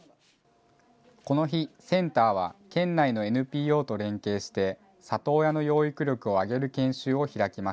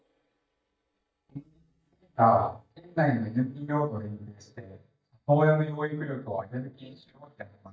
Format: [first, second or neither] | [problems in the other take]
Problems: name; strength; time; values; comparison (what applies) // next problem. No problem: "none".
first | noise reduction (neural mask model DeepFilterNet 3)